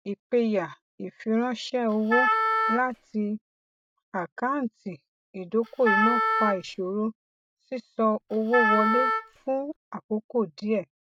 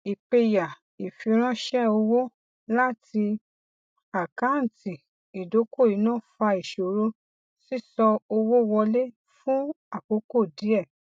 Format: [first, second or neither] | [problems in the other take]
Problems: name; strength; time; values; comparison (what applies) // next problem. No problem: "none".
second | background sound (Wind instrument, woodwind instrument); 2 dB above the speech